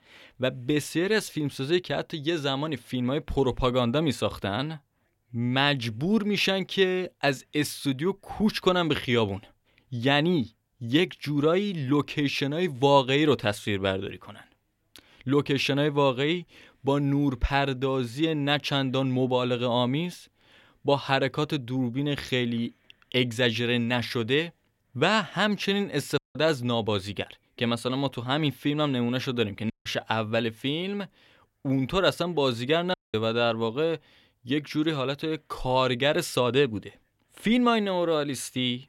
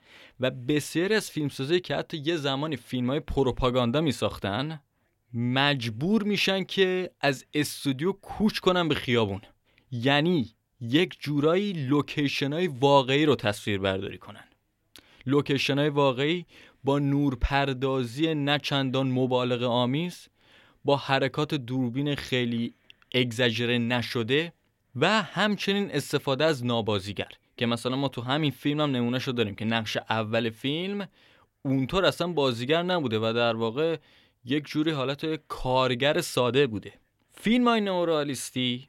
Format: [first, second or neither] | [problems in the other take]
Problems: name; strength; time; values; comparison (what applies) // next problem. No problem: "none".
second | audio cutting out; at 26 s, at 30 s and at 33 s